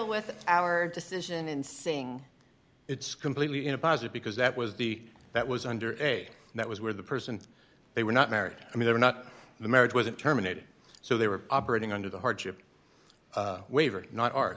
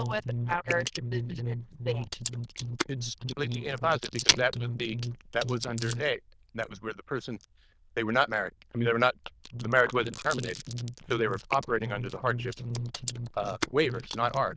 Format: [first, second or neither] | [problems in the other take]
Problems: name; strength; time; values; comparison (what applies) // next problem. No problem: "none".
first | noise reduction (neural diffusion model UNIVERSE++)